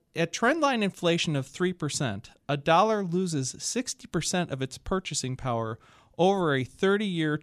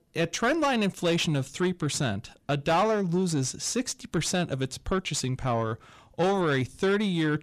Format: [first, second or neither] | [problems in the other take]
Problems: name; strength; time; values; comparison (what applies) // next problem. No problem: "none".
first | distortion; slight; 10 dB below the speech